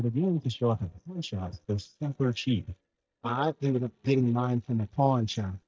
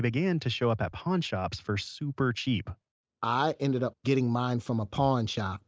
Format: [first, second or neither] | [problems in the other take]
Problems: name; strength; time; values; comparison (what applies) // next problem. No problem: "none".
second | noise reduction (neural mask model DeepFilterNet 3)